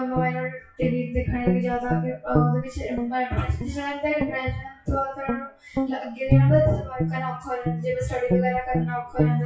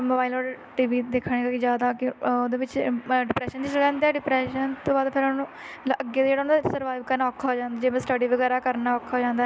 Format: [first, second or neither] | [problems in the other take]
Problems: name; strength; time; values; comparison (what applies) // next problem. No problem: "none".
second | noise reduction (classical method WPE with log-MMSE)